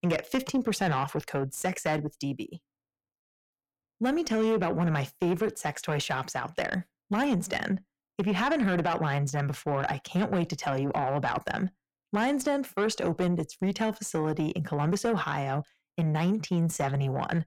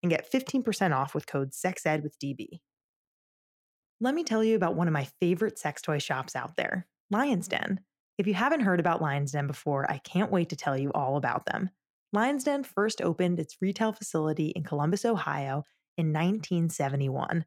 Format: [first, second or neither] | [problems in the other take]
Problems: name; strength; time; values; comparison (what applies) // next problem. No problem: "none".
second | distortion; slight; 10 dB below the speech